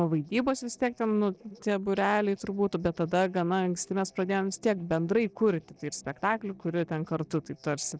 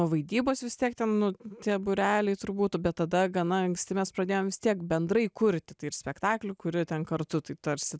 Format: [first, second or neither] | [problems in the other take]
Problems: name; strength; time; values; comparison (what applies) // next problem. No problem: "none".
second | noise reduction (neural separator model SepFormer DNS4)